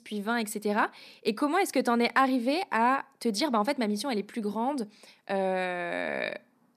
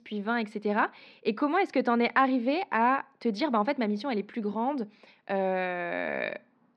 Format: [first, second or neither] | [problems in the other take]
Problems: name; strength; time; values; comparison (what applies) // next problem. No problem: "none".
first | muffled; slightly; fading above 3.5 kHz